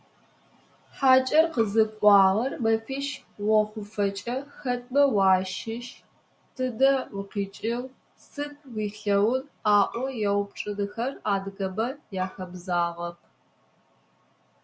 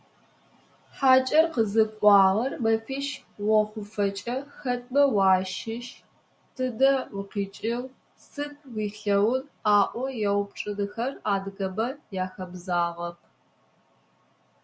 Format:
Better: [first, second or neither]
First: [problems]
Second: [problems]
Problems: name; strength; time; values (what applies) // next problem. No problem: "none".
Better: second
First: background sound (Bowed string instrument); 18 dB below the speech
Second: none